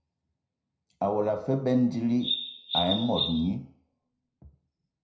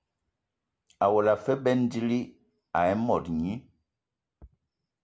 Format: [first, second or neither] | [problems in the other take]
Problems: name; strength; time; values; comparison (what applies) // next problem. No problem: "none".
second | background sound (Bird vocalization, bird call, bird song); 2 dB below the speech // room echo; dies away in 0.5 s